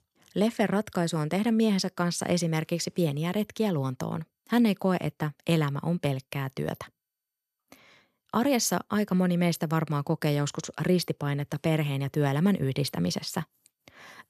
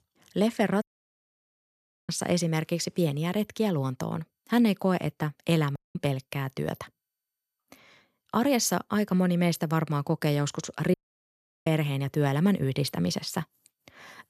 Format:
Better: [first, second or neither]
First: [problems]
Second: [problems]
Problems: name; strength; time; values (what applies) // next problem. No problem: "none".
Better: first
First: none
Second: audio cutting out; at 1 s for 1.5 s, at 6 s and at 11 s for 0.5 s